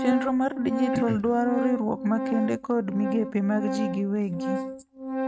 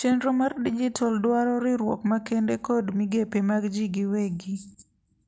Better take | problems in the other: second | noise reduction (neural mask model RNNoise)

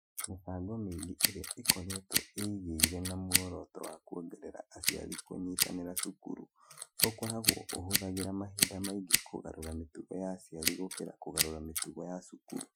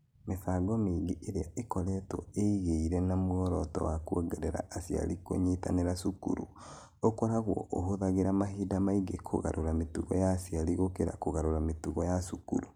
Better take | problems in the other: second | noise reduction (classical method Wiener filter)

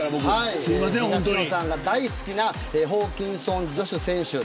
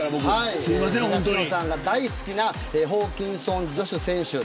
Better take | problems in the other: first | background sound (Screech); 19 dB below the speech

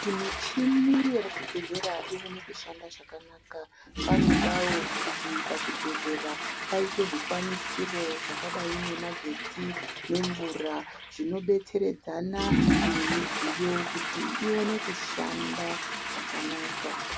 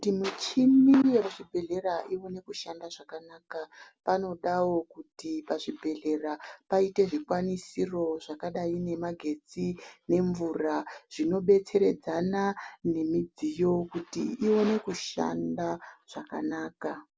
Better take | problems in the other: second | background sound (Toilet flush / Water); as loud as the speech

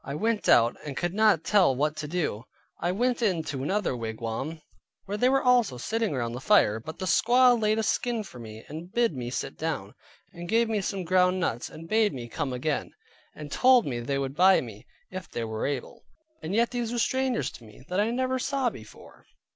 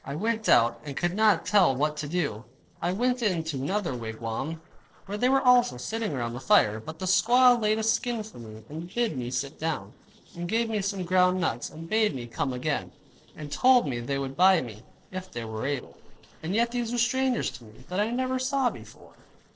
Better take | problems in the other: first | noise reduction (neural separator model SepFormer DNS4)

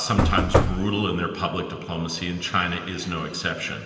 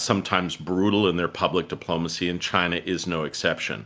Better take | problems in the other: second | background sound (Knock / Wood); 4 dB above the speech // room echo; dies away in 2.9 s

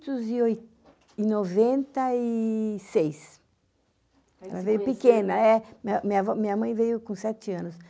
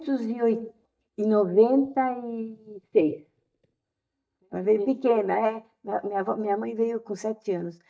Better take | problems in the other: first | noise reduction (neural mask model DeepFilterNet 3)

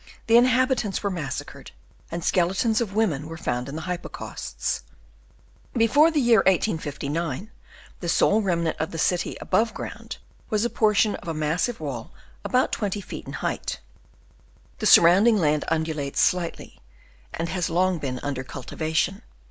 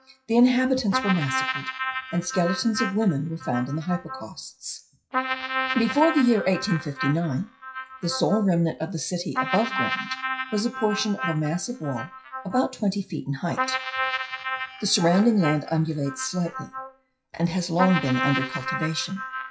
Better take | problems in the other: first | noise reduction (classical method WPE with log-MMSE)

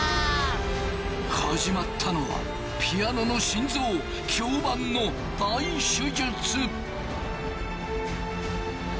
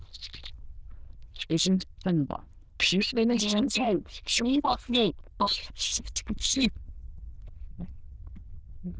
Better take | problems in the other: first | noise reduction (neural diffusion model UNIVERSE++)

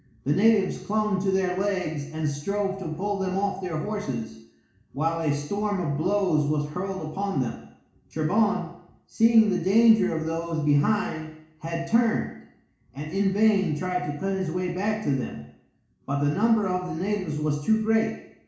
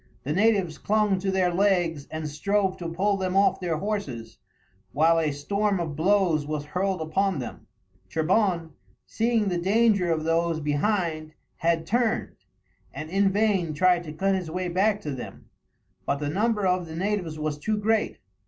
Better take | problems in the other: second | room echo; dies away in 0.7 s

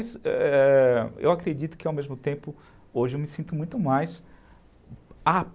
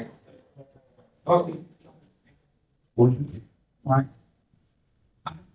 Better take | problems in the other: first | noise reduction (neural mask model DeepFilterNet 3)

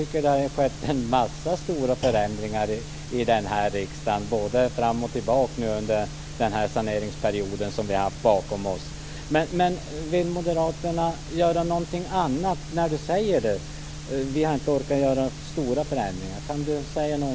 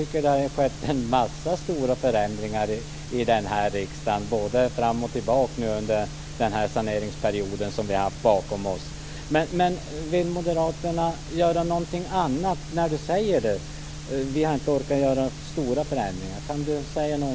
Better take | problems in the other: second | background sound (Thump, thud); 20 dB below the speech

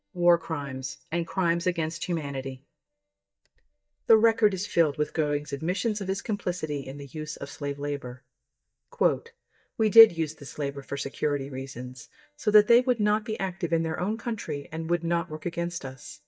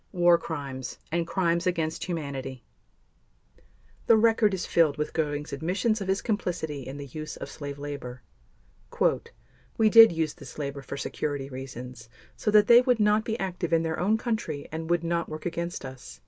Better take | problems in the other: second | noise reduction (neural mask model DeepFilterNet 3)

